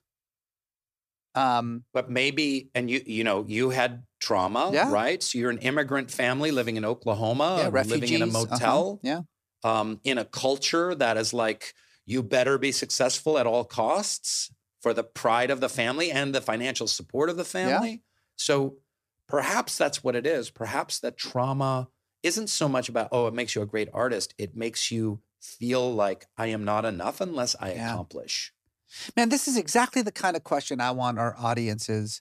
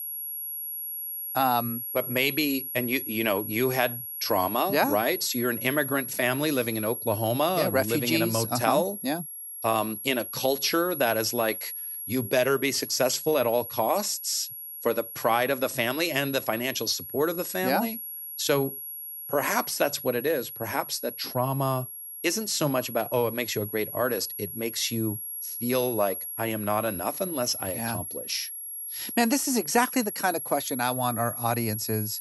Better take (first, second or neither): first